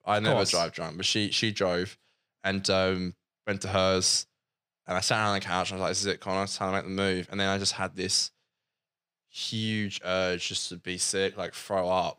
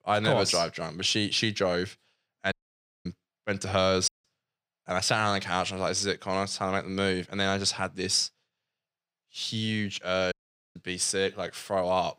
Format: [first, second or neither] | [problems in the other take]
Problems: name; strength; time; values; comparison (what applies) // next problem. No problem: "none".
first | audio cutting out; at 2.5 s for 0.5 s, at 4 s and at 10 s